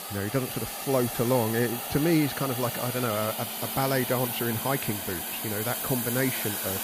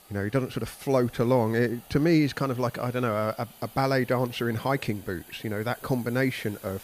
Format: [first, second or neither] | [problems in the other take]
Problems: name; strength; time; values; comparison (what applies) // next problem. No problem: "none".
second | hiss; loud; throughout; 2 dB below the speech; faint in the second